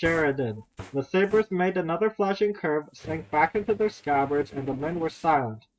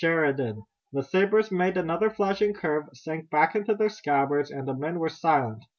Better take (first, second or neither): second